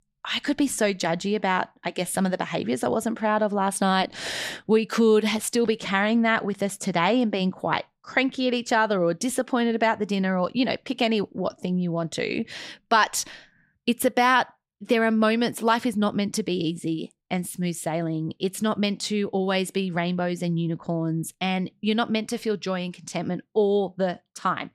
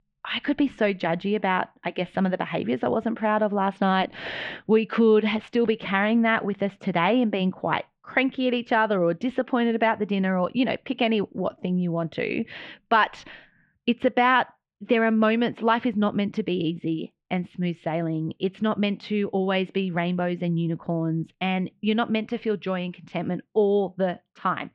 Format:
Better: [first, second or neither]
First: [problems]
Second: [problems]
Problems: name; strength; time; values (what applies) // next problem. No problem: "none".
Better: first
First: none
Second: muffled; very; fading above 3 kHz